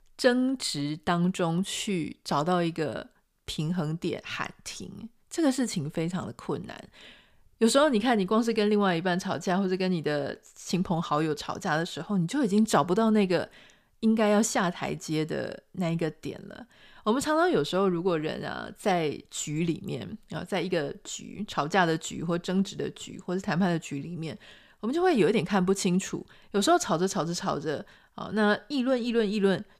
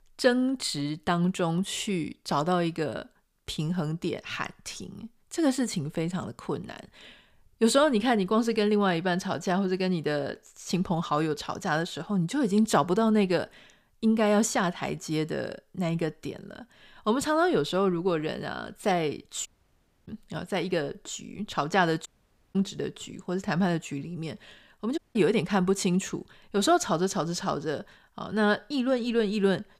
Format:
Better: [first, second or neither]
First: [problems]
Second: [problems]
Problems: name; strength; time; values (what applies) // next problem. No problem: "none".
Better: first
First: none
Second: audio cutting out; at 19 s for 0.5 s, at 22 s and at 25 s